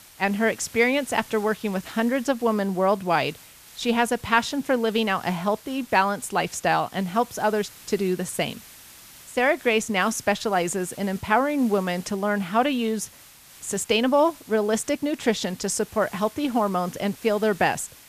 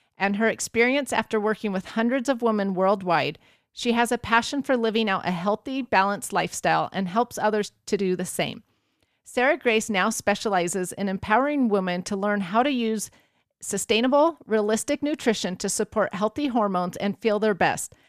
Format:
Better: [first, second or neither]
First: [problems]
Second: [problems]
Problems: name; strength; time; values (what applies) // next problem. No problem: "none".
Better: second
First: hiss; faint; throughout; 20 dB below the speech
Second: none